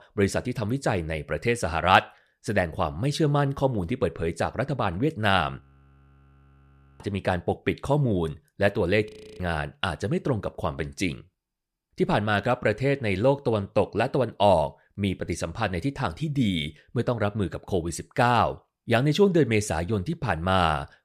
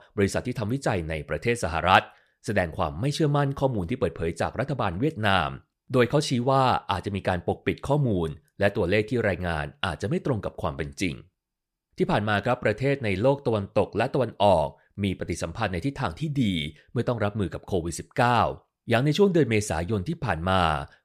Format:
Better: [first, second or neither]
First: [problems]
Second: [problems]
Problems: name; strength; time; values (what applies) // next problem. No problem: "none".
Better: second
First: audio freezing; at 5.5 s for 1.5 s and at 9 s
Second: none